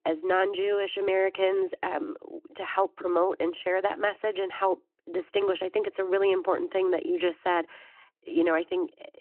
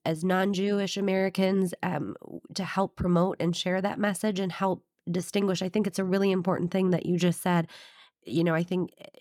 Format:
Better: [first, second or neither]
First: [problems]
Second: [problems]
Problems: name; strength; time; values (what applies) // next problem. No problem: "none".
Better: second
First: phone-call audio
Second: none